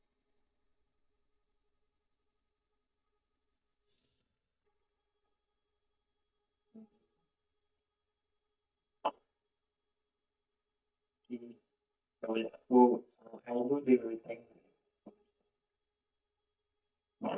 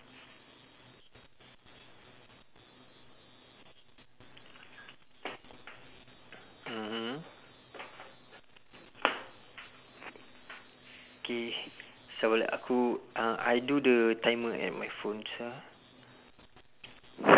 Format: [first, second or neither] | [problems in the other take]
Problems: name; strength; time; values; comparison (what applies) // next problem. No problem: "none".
second | noise reduction (neural mask model DeepFilterNet 3)